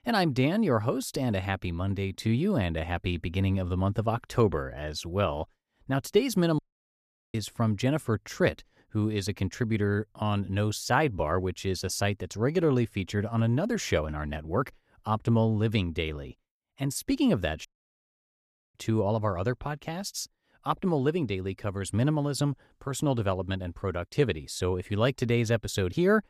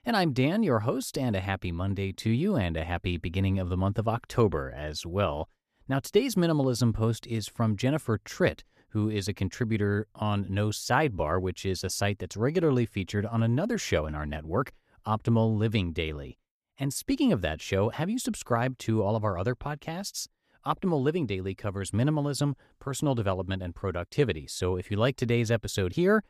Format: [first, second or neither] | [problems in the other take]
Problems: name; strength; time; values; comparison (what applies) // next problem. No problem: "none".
second | audio cutting out; at 6.5 s for 1 s and at 18 s for 1 s